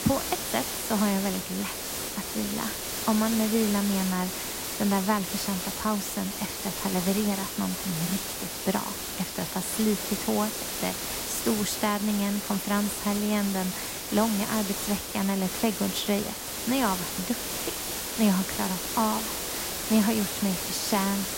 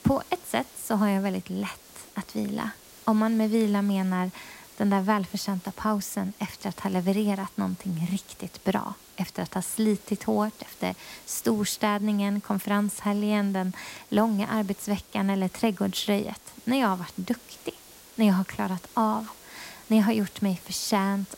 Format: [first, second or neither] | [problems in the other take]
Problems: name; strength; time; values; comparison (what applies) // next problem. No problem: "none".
second | hiss; loud; throughout; 2 dB below the speech; faint in the second